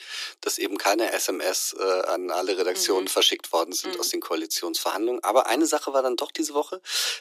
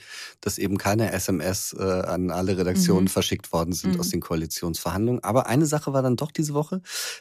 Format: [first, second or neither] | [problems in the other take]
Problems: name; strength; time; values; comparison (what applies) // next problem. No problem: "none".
second | thin; very; fading below 300 Hz